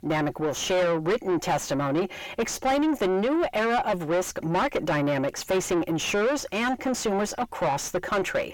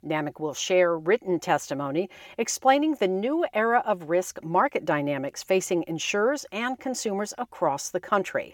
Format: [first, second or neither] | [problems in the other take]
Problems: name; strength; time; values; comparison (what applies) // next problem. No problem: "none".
second | distortion; heavy; 4 dB below the speech